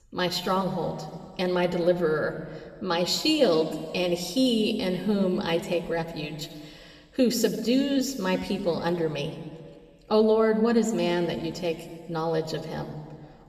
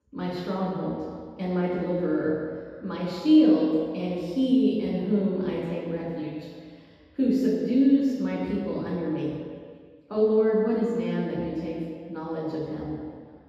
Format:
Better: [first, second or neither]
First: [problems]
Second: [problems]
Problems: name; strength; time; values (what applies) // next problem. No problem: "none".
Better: first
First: room echo; slight; dies away in 1.8 s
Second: room echo; strong; dies away in 1.8 s // off-mic speech; far